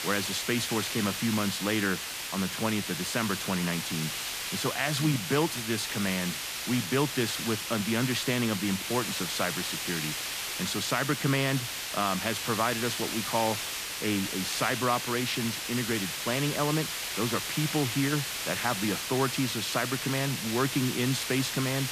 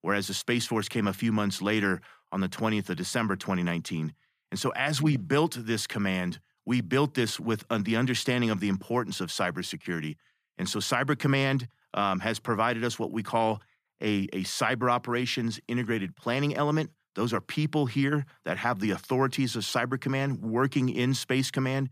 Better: second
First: hiss; loud; throughout; 2 dB below the speech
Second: none

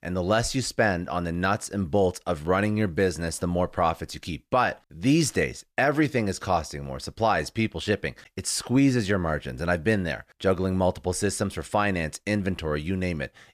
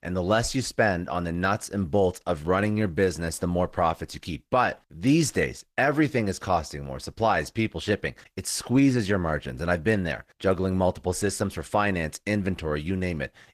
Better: first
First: none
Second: garbled, watery; slightly; nothing above 12 kHz

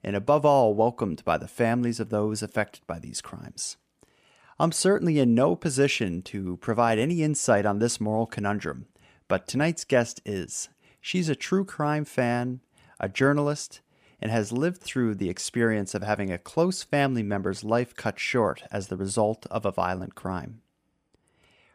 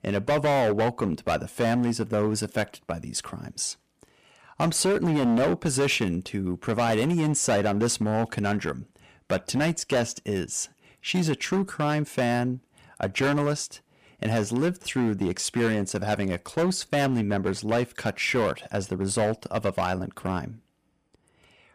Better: first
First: none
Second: distortion; heavy; 11% of the sound clipped

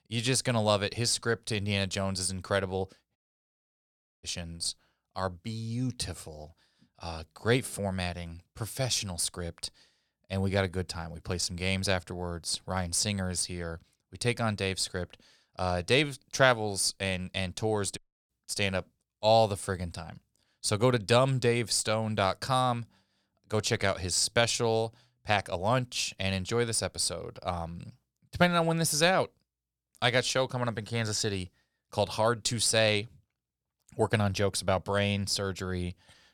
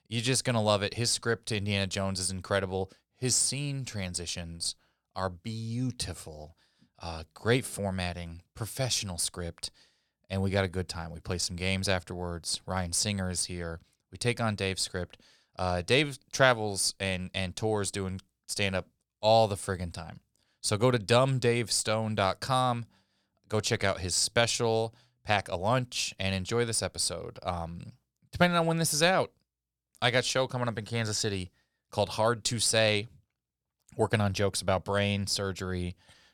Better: second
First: audio cutting out; at 3 s for 1 s and at 18 s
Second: none

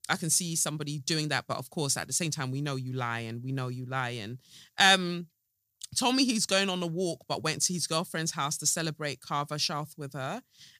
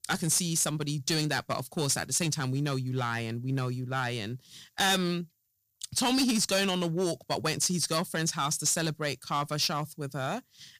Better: first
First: none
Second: distortion; heavy; 6% of the sound clipped

